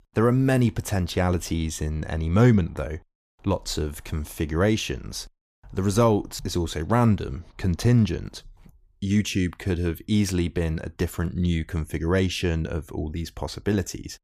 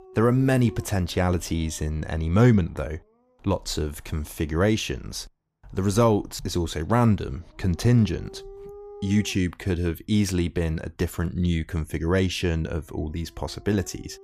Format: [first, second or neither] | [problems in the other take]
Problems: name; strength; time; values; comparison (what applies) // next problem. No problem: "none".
first | animal sounds; faint; throughout; 20 dB below the speech